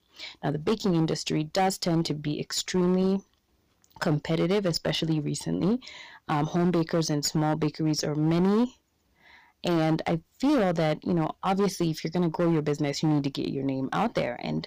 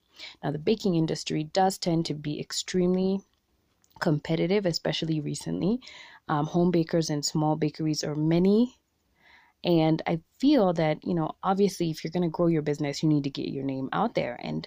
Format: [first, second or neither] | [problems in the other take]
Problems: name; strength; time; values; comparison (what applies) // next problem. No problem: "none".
second | distortion; slight; 13% of the sound clipped